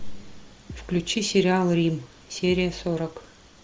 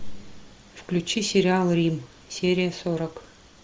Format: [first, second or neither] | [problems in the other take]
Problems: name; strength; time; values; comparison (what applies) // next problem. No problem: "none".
second | background sound (Bass drum); 15 dB below the speech